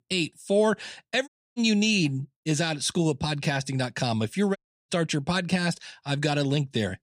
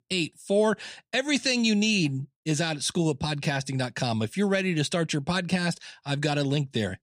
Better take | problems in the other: second | audio cutting out; at 1.5 s and at 4.5 s

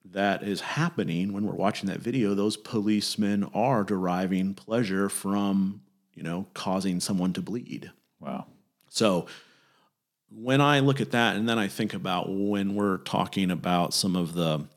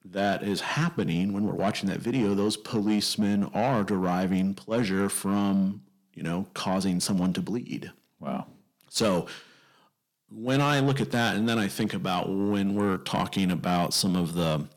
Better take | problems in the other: first | distortion; slight; 10 dB below the speech

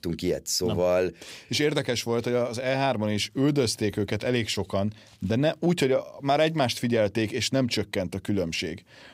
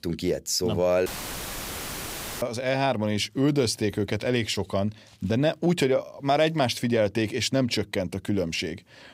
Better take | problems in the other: first | audio cutting out; filled with static; at 1 s for 1.5 s

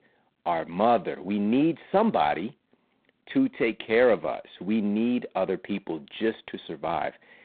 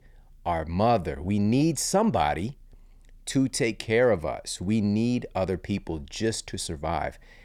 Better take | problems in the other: second | phone-call audio; poor line; nothing above 4 kHz

